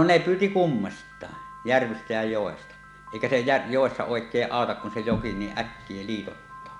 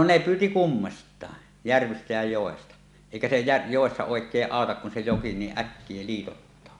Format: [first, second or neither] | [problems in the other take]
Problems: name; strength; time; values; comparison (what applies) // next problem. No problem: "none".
second | background sound (Piano); 19 dB below the speech